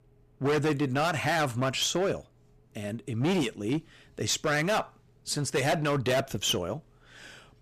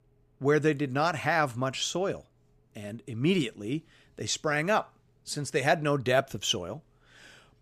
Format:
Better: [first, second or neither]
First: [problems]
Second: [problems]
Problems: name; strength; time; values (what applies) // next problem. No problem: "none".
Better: second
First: distortion; heavy; 12% of the sound clipped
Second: none